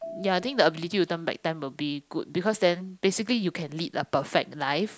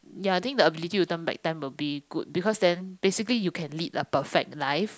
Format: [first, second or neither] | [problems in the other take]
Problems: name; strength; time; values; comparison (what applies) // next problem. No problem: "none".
second | background sound (Marimba, xylophone); 20 dB below the speech